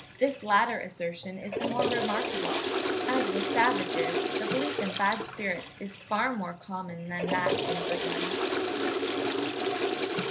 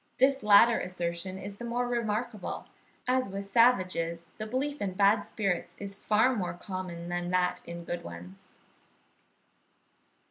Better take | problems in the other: second | background sound (Toilet flush / Water); 1 dB above the speech

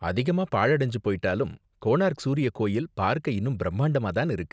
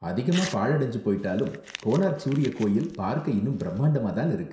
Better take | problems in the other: first | background sound (Crumpling, crinkling / Tearing); 18 dB below the speech // room echo; dies away in 0.6 s

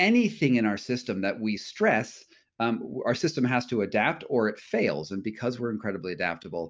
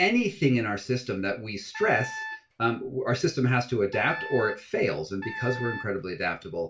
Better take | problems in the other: first | background sound (Wind instrument, woodwind instrument); 11 dB below the speech // room echo; dies away in 0.2 s

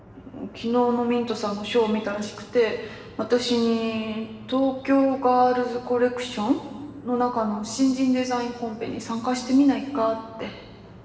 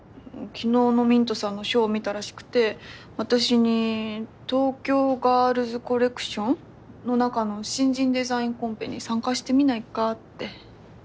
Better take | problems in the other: second | room echo; dies away in 1.4 s

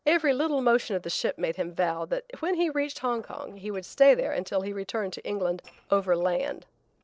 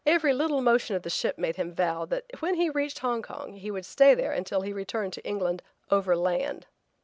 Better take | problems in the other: second | noise reduction (neural separator model SepFormer DNS4)

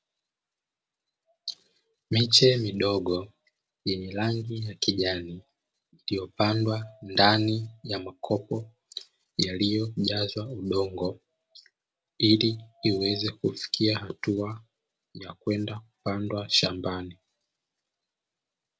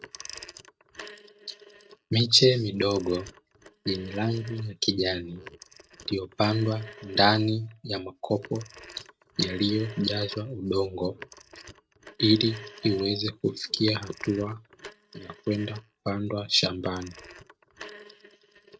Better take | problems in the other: first | noise reduction (neural mask model RNNoise)

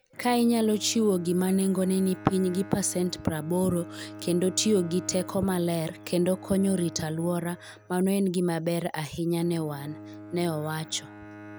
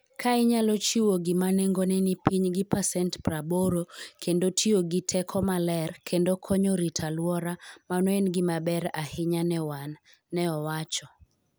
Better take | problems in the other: second | background sound (Bowed string instrument); 17 dB below the speech

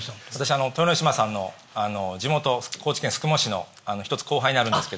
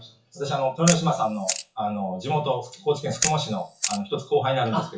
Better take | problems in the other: first | noise reduction (classical method WPE with log-MMSE)

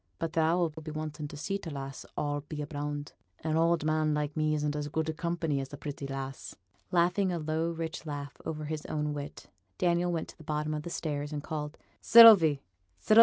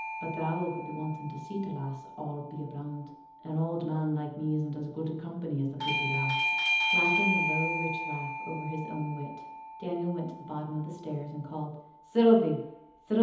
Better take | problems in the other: first | background sound (Bell / Doorbell); 3 dB below the speech // room echo; dies away in 1.3 s

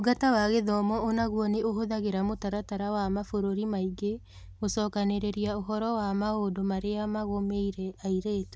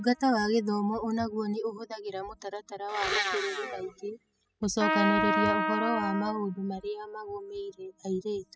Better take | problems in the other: first | noise reduction (classical method spectral subtraction)

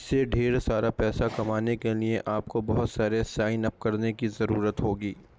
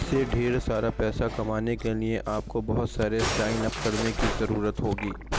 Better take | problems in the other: first | background sound (Musical instrument + Scissors); 6 dB below the speech

